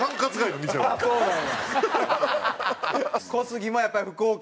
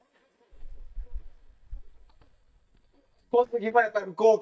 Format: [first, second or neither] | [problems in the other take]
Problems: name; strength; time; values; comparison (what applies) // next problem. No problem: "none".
first | noise reduction (neural mask model DeepFilterNet 3)